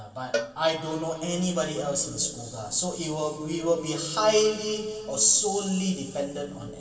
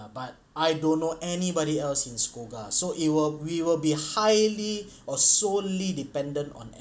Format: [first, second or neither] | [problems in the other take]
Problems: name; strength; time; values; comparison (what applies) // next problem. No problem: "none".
second | background sound (Cowbell); 12 dB below the speech // room echo; dies away in 2.4 s